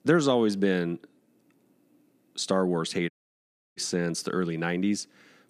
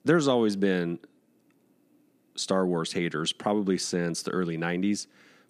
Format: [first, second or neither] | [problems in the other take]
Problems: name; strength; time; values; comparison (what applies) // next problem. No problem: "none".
second | audio cutting out; at 3 s for 0.5 s